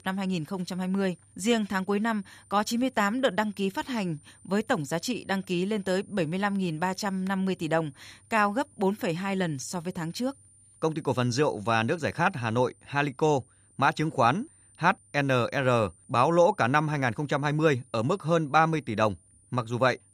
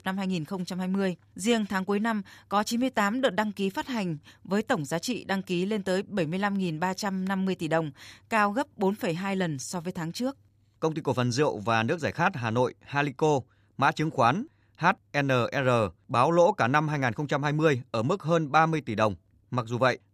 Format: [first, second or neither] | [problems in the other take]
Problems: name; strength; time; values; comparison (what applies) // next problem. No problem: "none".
second | high-pitched whine; faint; throughout; 9 kHz, 30 dB below the speech